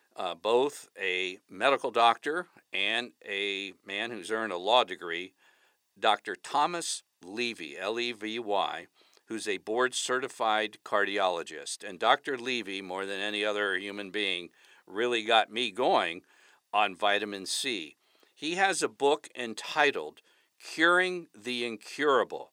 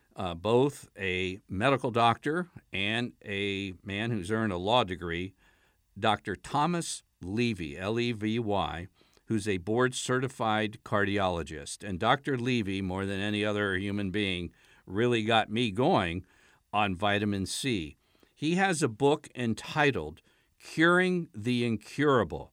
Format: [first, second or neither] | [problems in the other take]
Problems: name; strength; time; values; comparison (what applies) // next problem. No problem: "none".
second | thin; somewhat; fading below 500 Hz